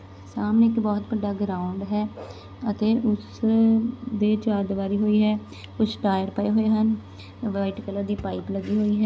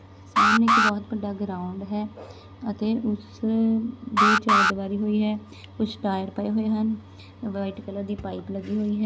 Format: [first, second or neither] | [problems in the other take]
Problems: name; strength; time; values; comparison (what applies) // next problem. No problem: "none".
first | background sound (Alarm); 3 dB above the speech